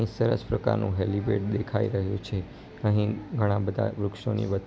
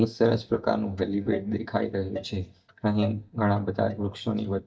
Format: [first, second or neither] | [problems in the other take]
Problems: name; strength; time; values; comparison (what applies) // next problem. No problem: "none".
first | noise reduction (neural mask model DeepFilterNet 3)